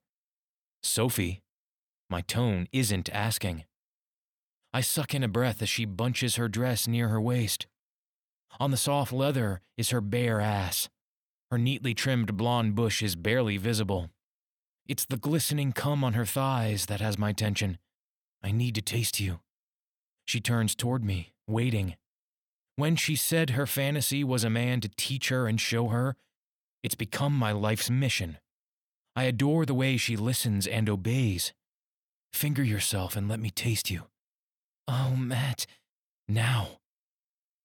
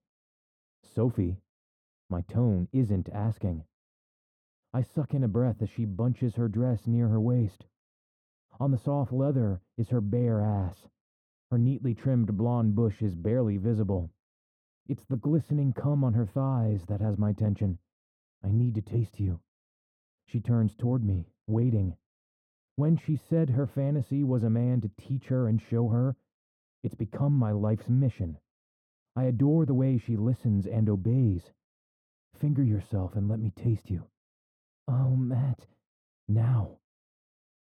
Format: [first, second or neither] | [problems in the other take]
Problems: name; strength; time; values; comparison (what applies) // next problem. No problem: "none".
first | muffled; very; fading above 1 kHz